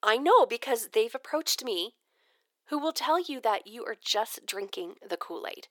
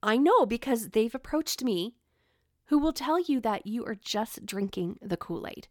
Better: second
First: thin; very; fading below 400 Hz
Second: none

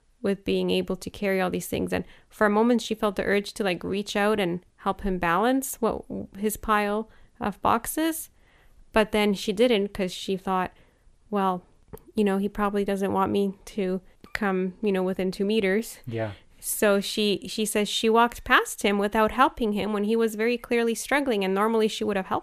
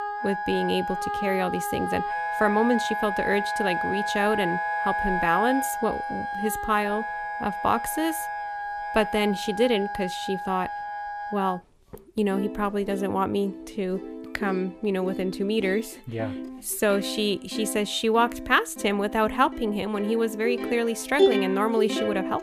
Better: first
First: none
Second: background music; loud; throughout; 4 dB below the speech

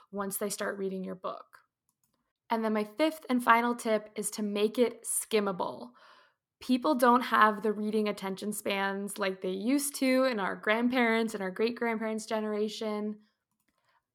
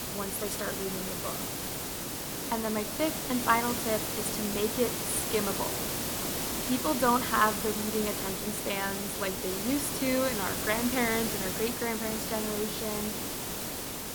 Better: first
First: none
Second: hiss; loud; throughout; 1 dB below the speech

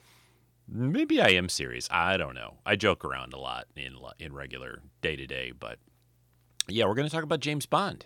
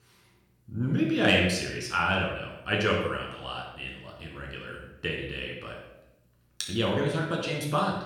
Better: first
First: none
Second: off-mic speech; somewhat distant // room echo; noticeable; dies away in 0.7 s

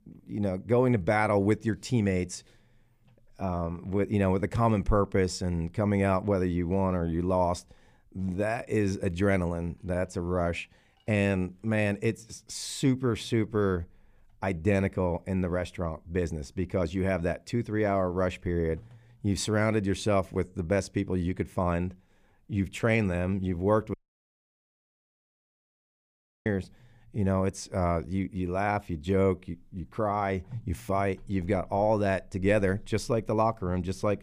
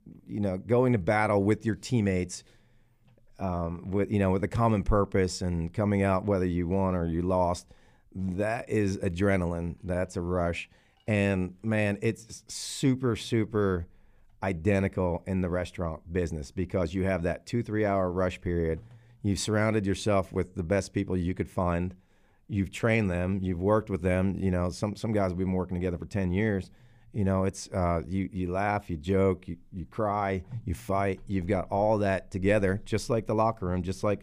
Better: second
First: audio cutting out; at 24 s for 2.5 s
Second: none

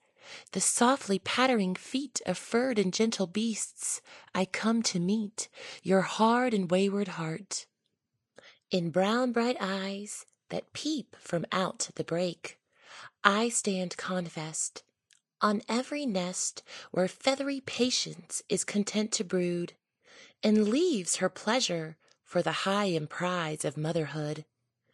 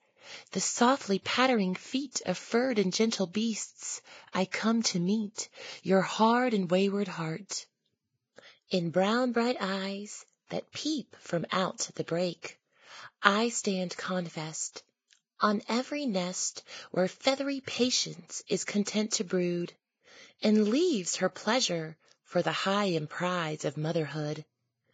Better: first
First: garbled, watery; slightly; nothing above 10 kHz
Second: garbled, watery; badly; nothing above 7.5 kHz

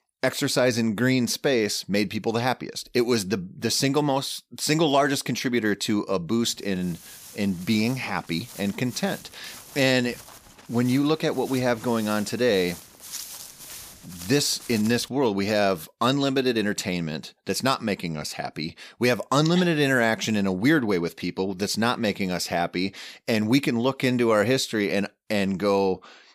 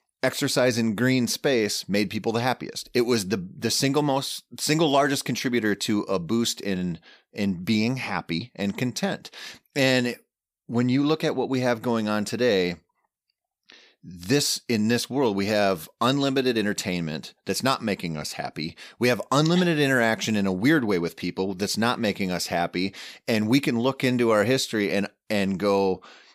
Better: second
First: footsteps; noticeable; from 7 to 15 s; peak 10 dB below the speech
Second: none

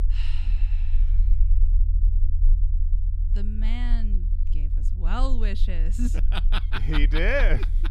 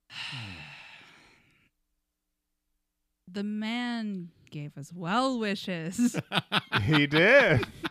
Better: second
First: low rumble; noticeable; throughout; 20 dB below the speech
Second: none

